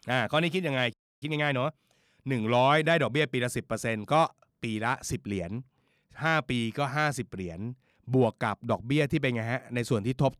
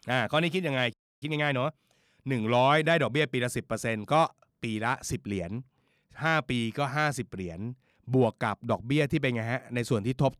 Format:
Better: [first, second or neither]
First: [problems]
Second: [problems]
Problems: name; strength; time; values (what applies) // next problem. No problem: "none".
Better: neither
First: audio freezing; at 1 s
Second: audio freezing; at 1 s